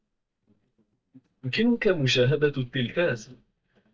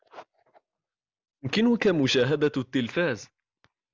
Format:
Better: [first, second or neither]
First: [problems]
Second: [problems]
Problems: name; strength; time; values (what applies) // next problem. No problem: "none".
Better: second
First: noise reduction (neural mask model DeepFilterNet 3)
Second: none